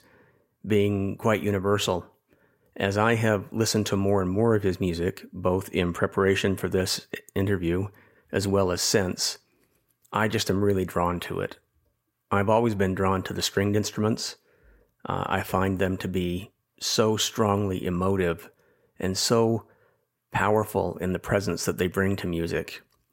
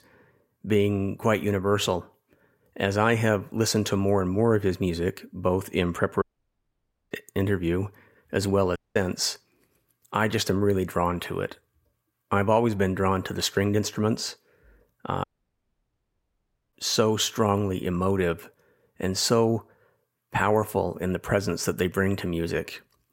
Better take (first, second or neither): first